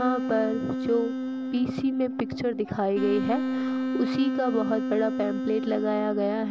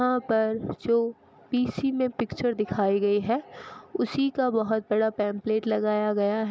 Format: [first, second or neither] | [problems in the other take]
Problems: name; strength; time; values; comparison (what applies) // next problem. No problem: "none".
second | background sound (Wind instrument, woodwind instrument); 2 dB below the speech